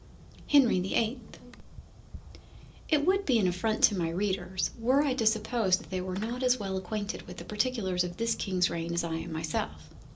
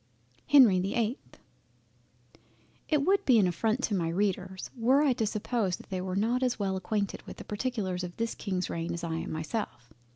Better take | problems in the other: second | background sound (Fireworks); 17 dB below the speech // room echo; dies away in 0.2 s

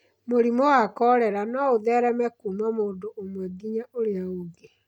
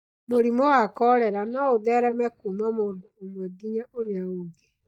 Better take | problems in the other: first | noise reduction (neural mask model DeepFilterNet 3)

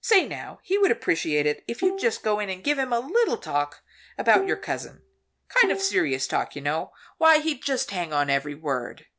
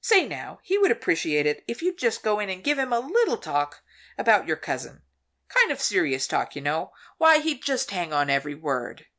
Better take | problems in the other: second | background sound (Bowed string instrument); 8 dB below the speech

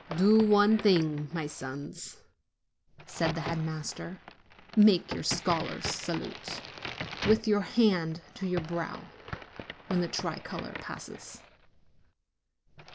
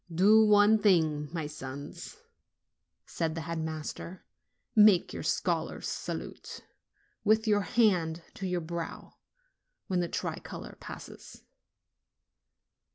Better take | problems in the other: second | background sound (Crack); 12 dB below the speech

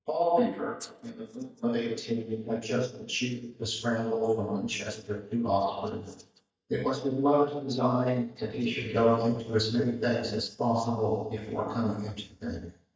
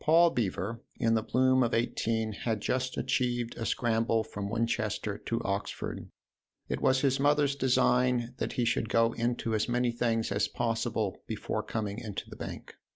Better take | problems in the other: second | noise reduction (neural mask model DeepFilterNet 3)

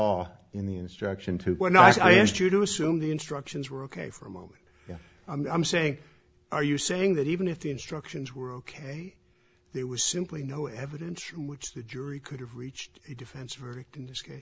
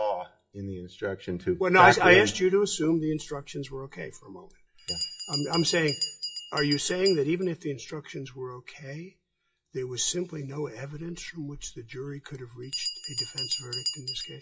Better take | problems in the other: first | noise reduction (classical method WPE with log-MMSE)

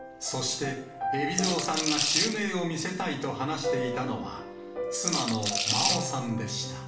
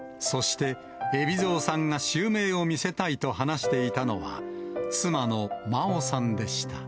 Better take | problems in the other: second | background sound (Rattle / Rattle (instrument)); 1 dB above the speech // room echo; dies away in 0.6 s

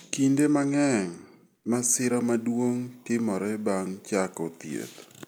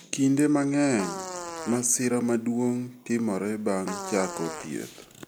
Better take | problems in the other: first | background sound (Fart); 12 dB below the speech

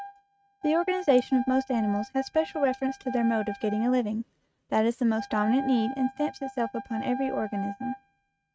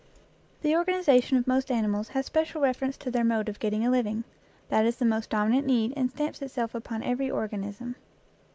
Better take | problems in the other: second | noise reduction (neural mask model RNNoise)

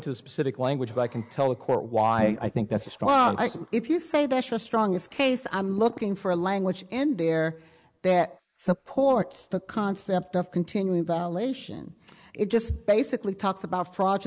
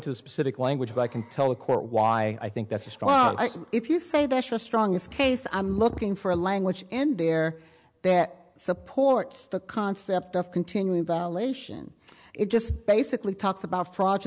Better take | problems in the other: second | noise reduction (neural mask model Resemble Enhance denoiser)

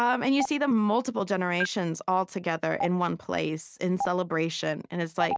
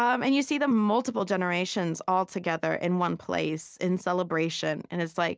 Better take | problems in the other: second | noise reduction (neural mask model RNNoise)

